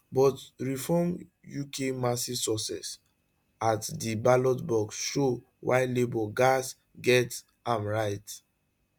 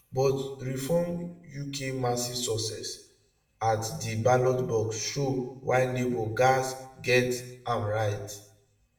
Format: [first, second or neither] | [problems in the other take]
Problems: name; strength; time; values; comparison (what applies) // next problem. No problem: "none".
first | room echo; dies away in 0.6 s